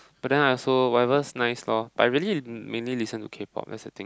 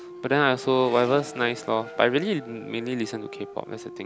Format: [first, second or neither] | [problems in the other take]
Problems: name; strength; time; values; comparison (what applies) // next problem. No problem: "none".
first | background sound (Wind instrument, woodwind instrument + Accelerating, revving, vroom); 15 dB below the speech